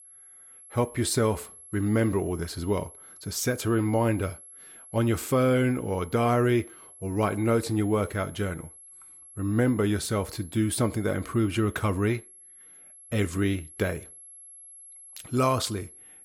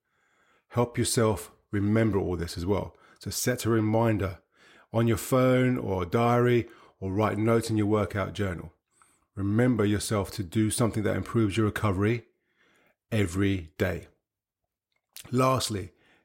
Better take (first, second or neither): second